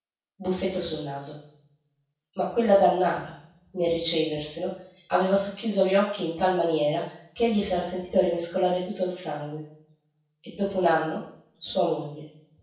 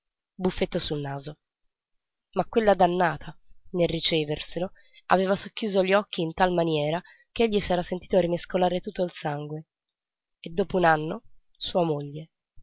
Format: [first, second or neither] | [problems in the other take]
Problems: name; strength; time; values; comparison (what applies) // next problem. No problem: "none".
second | room echo; dies away in 0.7 s